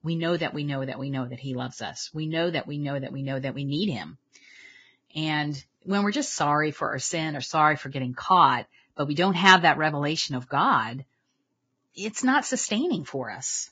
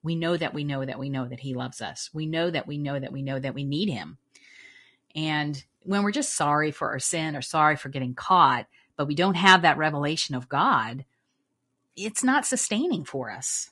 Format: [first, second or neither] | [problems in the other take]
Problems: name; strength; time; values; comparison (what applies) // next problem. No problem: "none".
second | garbled, watery; badly; nothing above 7.5 kHz; slightly in the second